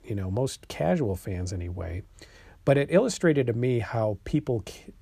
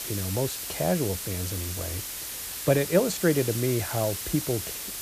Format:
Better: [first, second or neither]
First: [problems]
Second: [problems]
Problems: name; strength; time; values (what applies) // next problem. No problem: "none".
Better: first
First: none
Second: hiss; loud; throughout; 4 dB below the speech